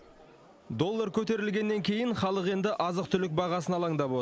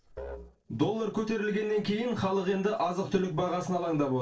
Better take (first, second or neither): first